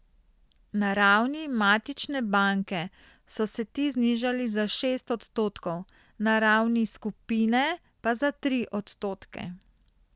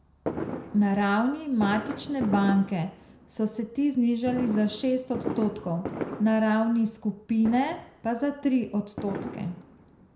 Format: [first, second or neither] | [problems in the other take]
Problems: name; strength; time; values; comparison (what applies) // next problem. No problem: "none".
first | background sound (Fireworks); 11 dB below the speech // room echo; dies away in 0.5 s